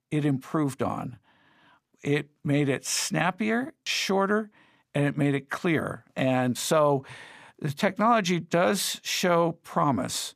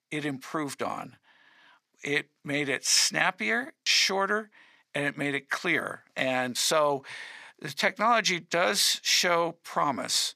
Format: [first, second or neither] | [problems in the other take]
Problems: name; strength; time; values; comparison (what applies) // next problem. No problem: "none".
first | thin; somewhat; fading below 1 kHz